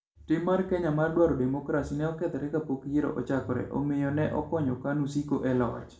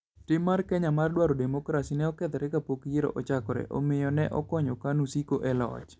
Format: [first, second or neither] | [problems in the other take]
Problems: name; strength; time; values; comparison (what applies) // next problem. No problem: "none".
second | room echo; dies away in 0.4 s